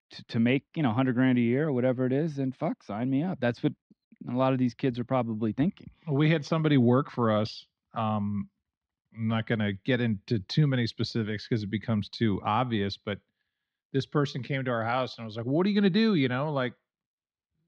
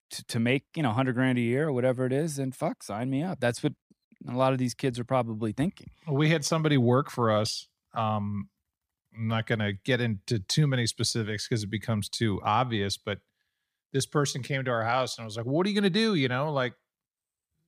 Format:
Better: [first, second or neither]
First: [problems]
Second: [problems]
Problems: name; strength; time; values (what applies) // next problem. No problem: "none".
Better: second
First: muffled; very slightly; fading above 4 kHz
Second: none